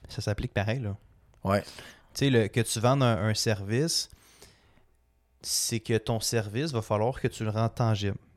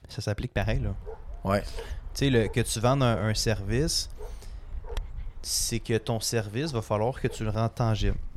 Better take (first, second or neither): first